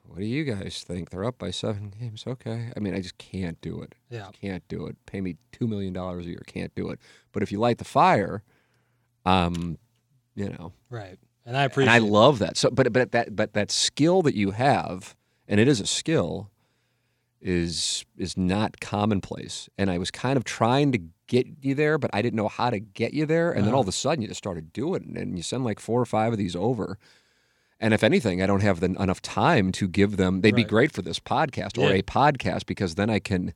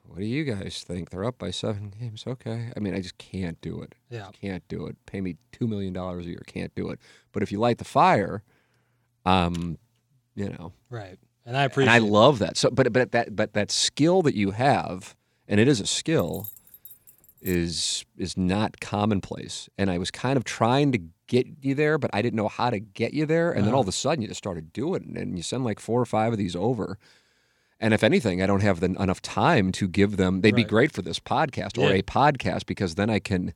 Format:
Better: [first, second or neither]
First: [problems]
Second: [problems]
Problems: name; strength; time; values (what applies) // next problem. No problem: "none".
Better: first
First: none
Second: jangling keys; faint; from 16 to 18 s; peak 15 dB below the speech